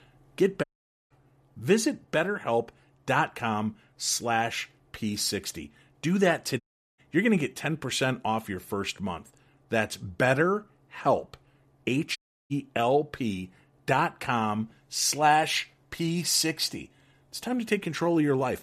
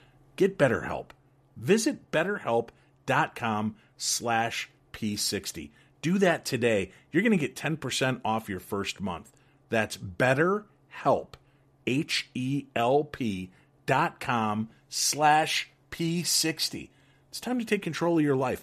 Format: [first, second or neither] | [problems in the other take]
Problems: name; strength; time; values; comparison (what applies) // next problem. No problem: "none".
second | audio cutting out; at 0.5 s, at 6.5 s and at 12 s